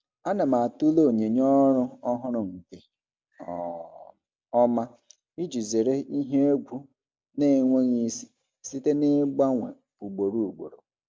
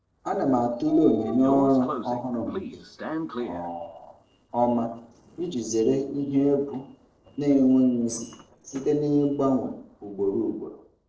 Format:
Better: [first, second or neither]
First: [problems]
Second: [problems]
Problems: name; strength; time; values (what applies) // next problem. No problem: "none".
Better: first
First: none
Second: noise reduction (neural separator model SepFormer DNS4)